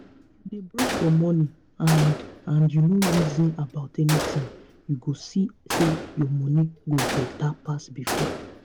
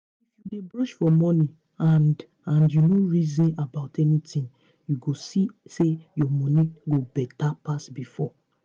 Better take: second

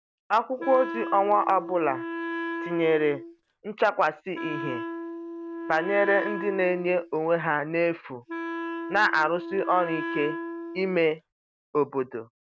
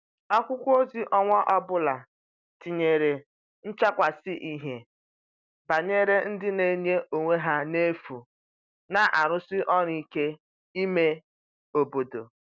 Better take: second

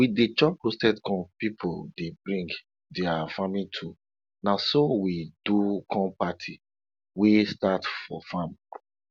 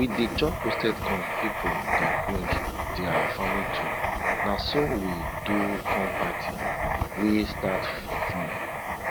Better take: first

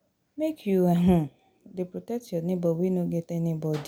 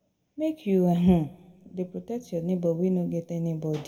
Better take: first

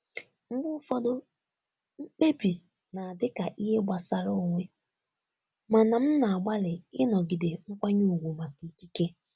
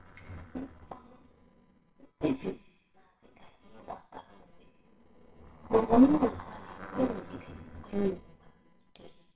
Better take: first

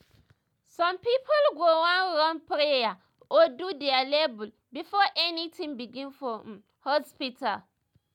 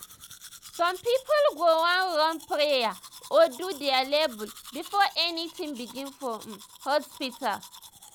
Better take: first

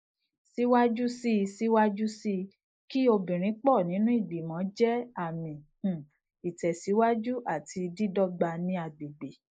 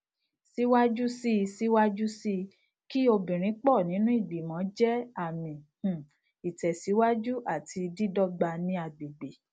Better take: second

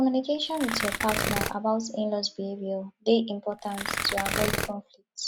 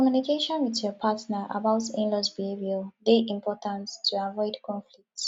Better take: second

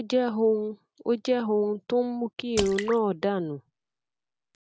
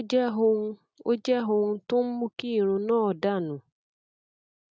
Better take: second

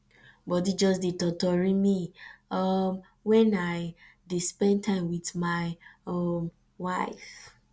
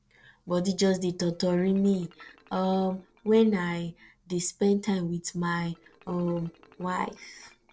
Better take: first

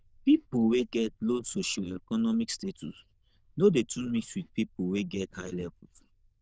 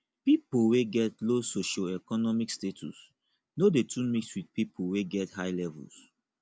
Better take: second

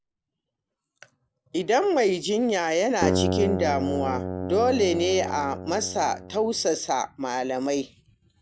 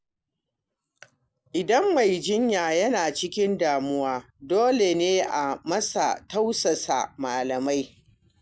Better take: second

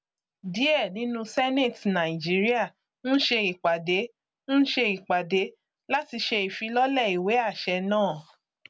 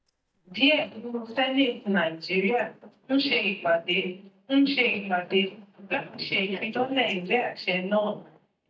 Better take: first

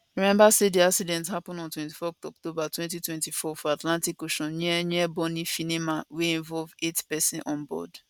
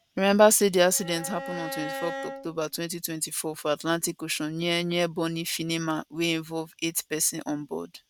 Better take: first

